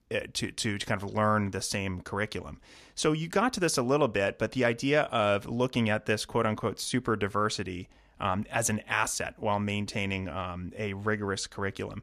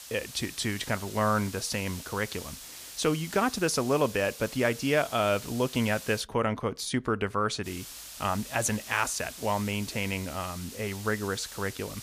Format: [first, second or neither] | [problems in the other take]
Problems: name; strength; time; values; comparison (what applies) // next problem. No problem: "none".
first | hiss; noticeable; until 6 s and from 7.5 s on; 10 dB below the speech